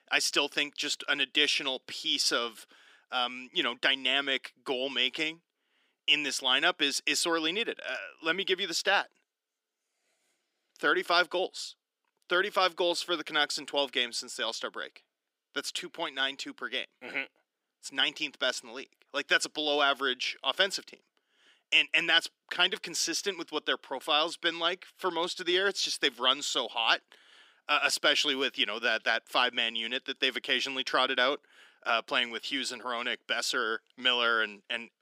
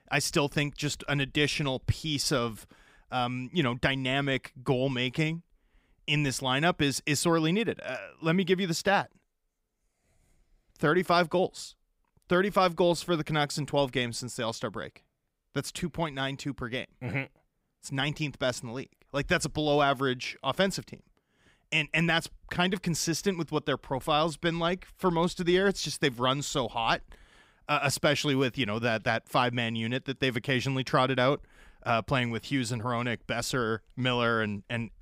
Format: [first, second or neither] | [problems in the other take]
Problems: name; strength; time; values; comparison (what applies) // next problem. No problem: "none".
second | thin; somewhat; fading below 300 Hz